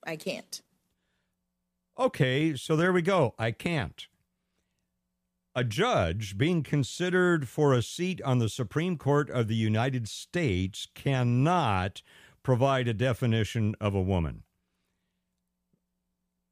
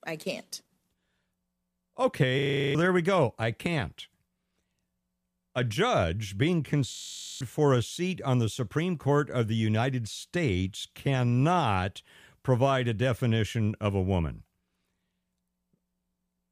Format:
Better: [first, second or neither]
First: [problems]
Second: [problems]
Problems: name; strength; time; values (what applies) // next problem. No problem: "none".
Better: first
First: none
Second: audio freezing; at 2.5 s and at 7 s